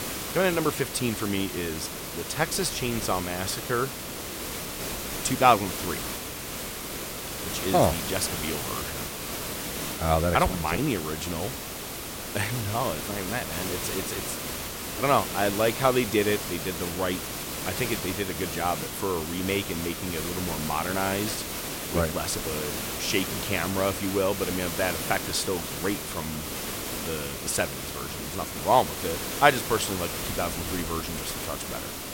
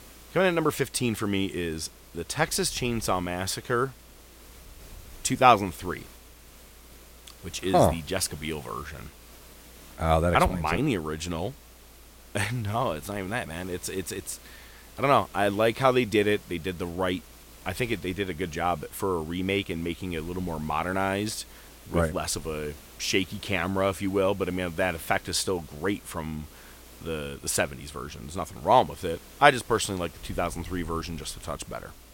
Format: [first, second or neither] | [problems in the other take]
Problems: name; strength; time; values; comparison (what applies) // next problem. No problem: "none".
second | hiss; loud; throughout; 4 dB below the speech; faint in the second